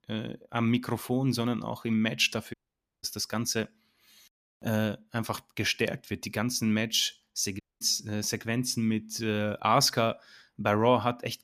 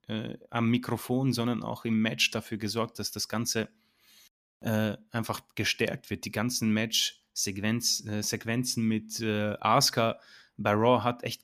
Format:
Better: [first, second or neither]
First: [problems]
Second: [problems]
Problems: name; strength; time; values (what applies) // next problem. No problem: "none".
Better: second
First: audio cutting out; at 2.5 s and at 7.5 s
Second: none